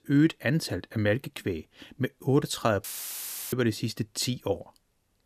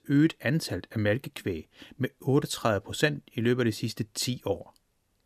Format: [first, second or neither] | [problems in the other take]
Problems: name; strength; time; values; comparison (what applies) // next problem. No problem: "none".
second | audio cutting out; filled with static; at 3 s for 0.5 s